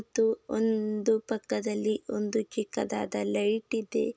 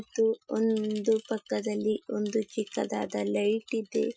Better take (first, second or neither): first